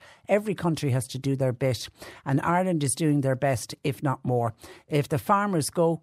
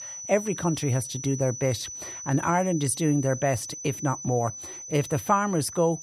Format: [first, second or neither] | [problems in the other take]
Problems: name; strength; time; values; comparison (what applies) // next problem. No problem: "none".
first | high-pitched whine; loud; throughout; 6 kHz, 9 dB below the speech